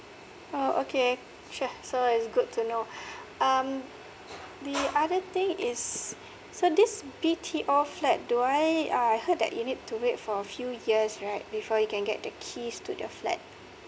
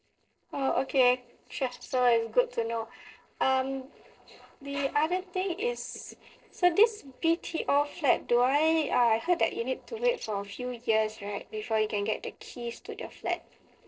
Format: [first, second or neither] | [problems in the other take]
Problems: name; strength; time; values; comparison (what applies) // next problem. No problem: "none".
first | noise reduction (neural separator model SepFormer DNS4)